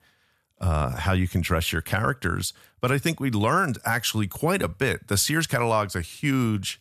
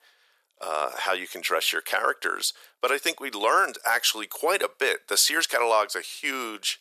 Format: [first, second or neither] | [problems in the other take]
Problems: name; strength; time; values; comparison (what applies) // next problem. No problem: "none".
first | thin; very; fading below 400 Hz